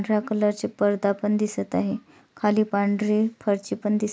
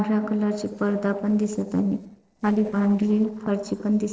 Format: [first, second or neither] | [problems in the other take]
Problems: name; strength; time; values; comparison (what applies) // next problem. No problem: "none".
first | noise reduction (neural separator model SepFormer DNS4)